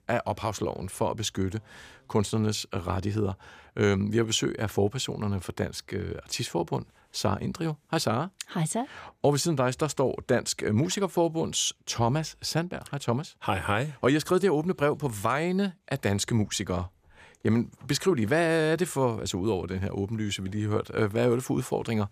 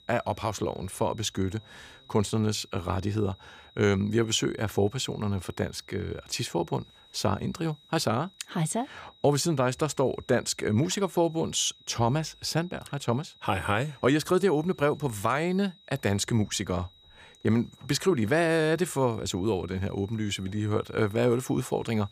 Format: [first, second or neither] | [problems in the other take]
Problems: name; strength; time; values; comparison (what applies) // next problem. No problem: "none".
first | high-pitched whine; faint; throughout; 4 kHz, 25 dB below the speech